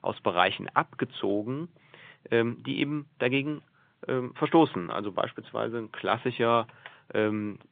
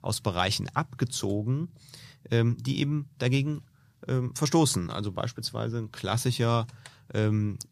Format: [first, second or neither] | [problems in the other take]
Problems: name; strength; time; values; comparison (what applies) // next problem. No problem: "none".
second | phone-call audio; nothing above 3.5 kHz